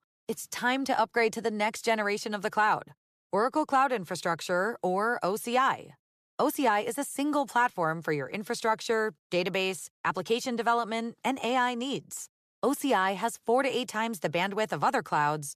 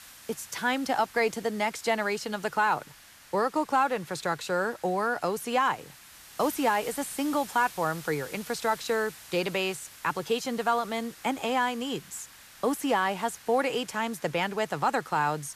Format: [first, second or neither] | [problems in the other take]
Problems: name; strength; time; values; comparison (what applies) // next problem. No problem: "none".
first | hiss; noticeable; throughout; 20 dB below the speech